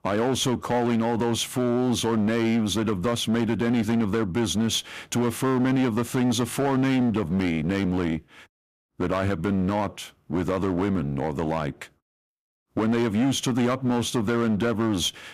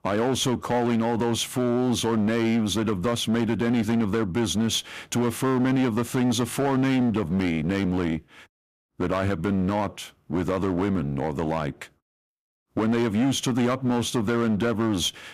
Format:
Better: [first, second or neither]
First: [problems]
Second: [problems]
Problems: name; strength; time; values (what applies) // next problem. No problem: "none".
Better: neither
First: distortion; slight; 15% of the sound clipped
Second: distortion; slight; 15% of the sound clipped